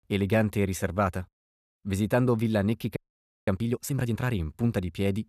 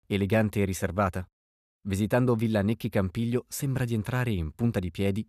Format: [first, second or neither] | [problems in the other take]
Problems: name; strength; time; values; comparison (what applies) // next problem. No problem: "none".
second | audio freezing; at 3 s for 0.5 s